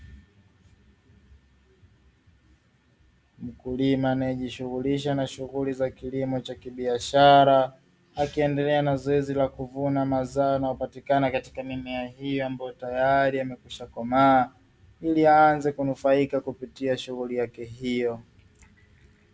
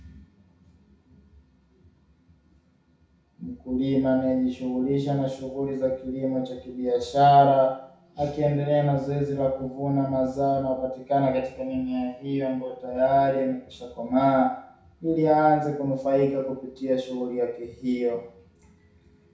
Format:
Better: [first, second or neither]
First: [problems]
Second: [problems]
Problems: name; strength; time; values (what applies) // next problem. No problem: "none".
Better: first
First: none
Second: room echo; dies away in 0.6 s